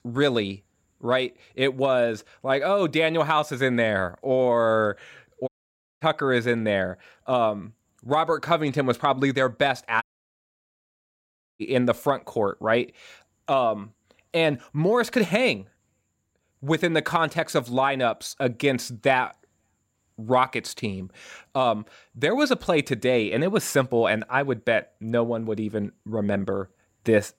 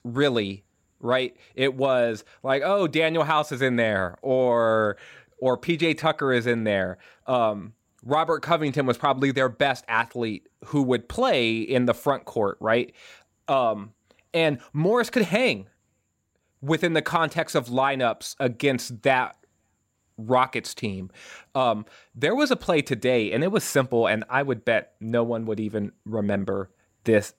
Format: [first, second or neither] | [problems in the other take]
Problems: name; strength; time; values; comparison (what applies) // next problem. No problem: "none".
second | audio cutting out; at 5.5 s for 0.5 s and at 10 s for 1.5 s